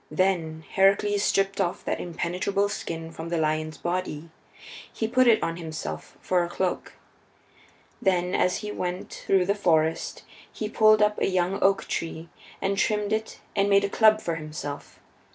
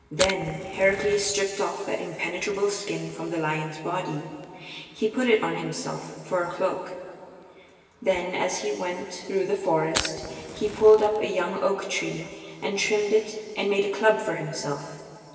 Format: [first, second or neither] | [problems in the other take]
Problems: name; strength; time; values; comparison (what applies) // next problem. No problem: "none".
first | background sound (Fire); 16 dB below the speech // room echo; dies away in 2.6 s